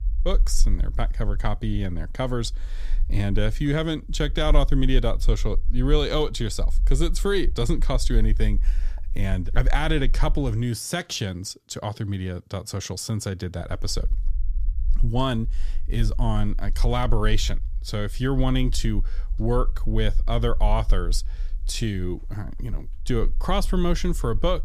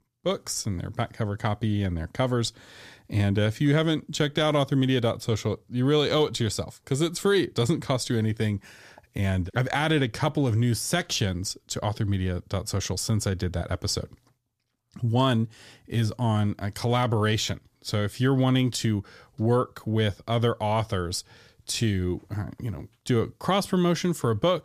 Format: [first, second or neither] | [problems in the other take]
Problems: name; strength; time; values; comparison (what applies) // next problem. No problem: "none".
second | low rumble; faint; until 11 s and from 14 s on; 25 dB below the speech